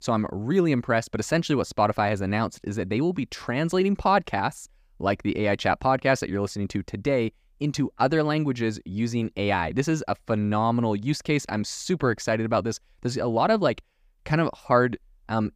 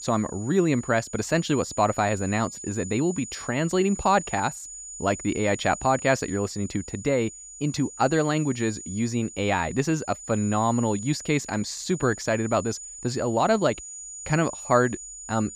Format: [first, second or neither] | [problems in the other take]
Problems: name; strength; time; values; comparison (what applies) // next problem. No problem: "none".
first | high-pitched whine; noticeable; throughout; 7 kHz, 10 dB below the speech